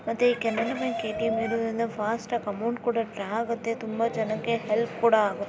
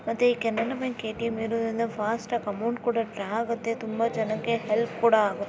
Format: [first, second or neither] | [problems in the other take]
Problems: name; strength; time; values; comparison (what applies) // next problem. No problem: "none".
second | background sound (Chicken, rooster); 9 dB below the speech